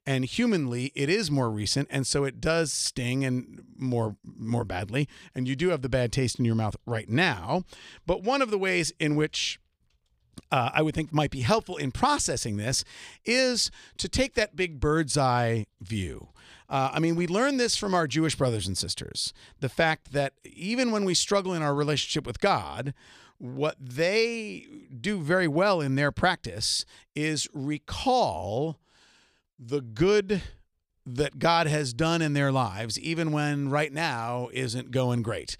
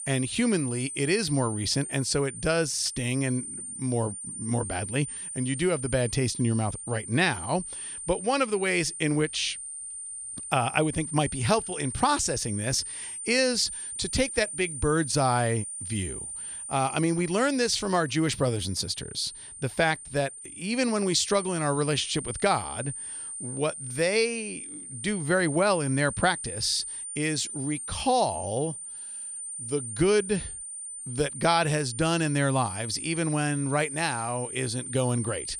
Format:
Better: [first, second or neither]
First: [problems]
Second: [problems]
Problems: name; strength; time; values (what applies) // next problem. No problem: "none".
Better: first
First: none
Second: high-pitched whine; loud; throughout; 9 kHz, 8 dB below the speech